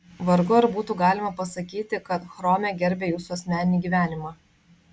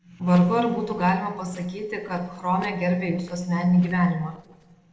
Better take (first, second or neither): first